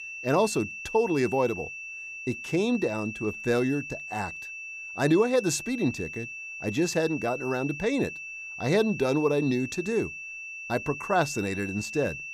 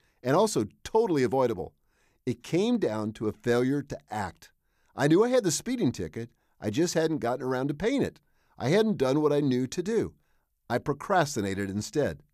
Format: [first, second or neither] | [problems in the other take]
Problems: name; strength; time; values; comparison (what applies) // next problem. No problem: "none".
second | high-pitched whine; loud; throughout; 2.5 kHz, 9 dB below the speech